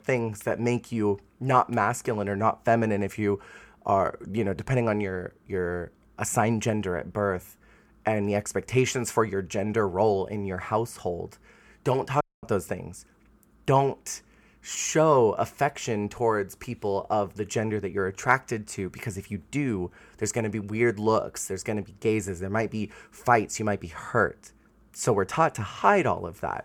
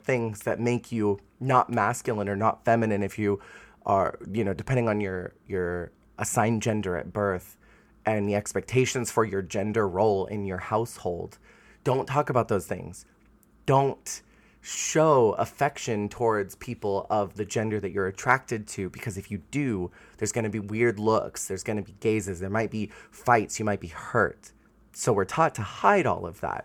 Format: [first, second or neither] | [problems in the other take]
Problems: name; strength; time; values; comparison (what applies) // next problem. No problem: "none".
second | audio cutting out; at 12 s